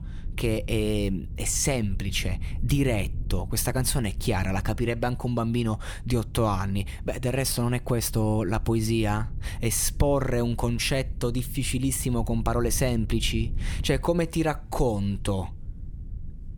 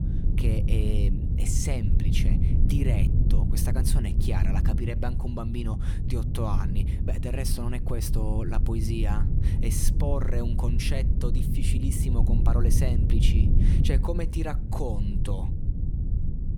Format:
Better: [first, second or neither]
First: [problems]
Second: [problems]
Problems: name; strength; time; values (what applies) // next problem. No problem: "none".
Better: first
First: low rumble; faint; throughout; 25 dB below the speech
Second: low rumble; loud; throughout; 4 dB below the speech